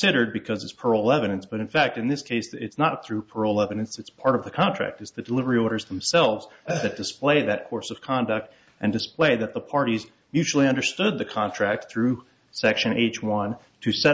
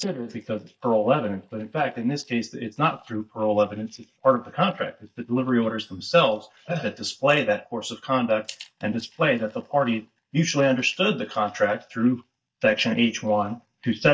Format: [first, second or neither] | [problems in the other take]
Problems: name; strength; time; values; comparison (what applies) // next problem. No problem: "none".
first | noise reduction (neural mask model DeepFilterNet 3)